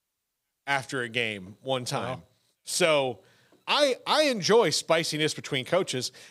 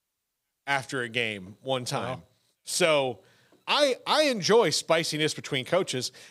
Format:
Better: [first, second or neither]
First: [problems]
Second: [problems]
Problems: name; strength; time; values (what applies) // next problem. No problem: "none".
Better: neither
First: none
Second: none